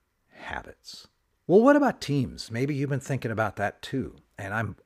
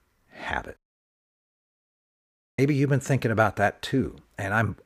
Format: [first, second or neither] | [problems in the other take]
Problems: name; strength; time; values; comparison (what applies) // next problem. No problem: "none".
first | audio cutting out; at 1 s for 2 s